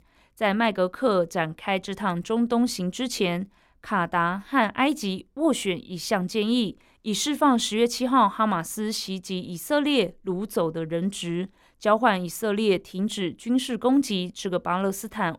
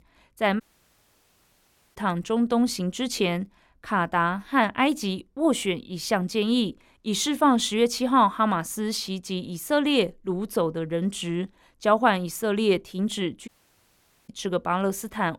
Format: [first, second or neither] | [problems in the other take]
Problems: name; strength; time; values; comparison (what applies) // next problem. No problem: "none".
first | audio cutting out; at 0.5 s for 1.5 s and at 13 s for 1 s